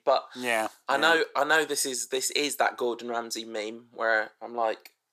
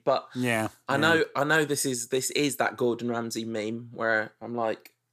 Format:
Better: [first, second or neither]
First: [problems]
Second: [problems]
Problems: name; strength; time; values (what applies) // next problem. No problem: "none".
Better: second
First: thin; somewhat; fading below 400 Hz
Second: none